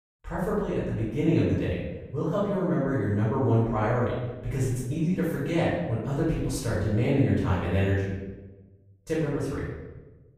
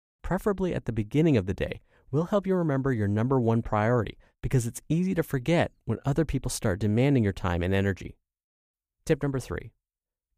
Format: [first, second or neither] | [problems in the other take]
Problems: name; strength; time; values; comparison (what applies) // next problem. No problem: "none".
second | room echo; noticeable; dies away in 1 s // off-mic speech; far